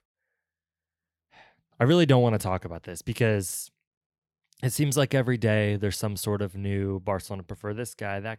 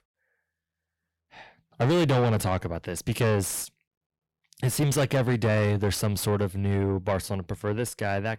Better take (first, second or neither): first